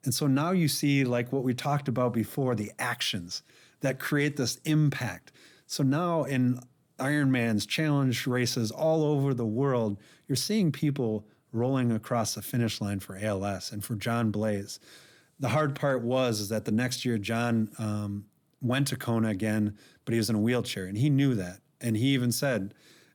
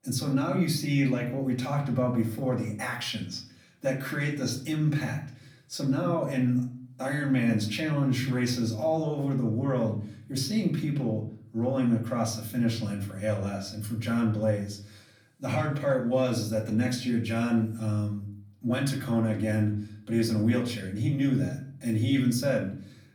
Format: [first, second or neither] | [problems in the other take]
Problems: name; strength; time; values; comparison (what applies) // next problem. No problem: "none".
first | off-mic speech; far // room echo; slight; dies away in 0.5 s